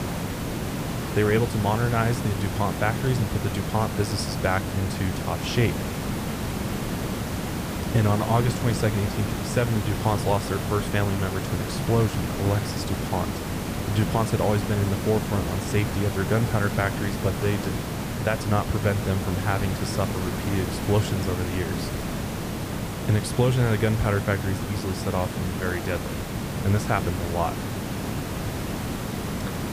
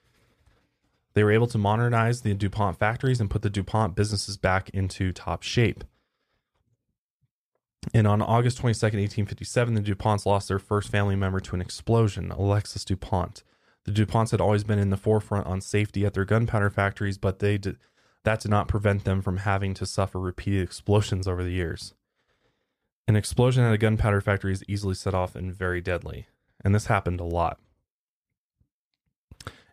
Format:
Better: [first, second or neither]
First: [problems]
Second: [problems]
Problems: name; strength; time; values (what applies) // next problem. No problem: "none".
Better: second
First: hiss; loud; throughout; 3 dB below the speech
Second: none